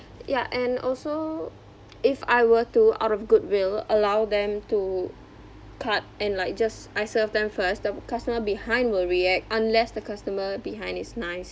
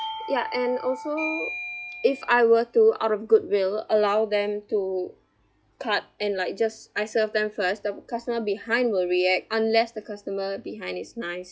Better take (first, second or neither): first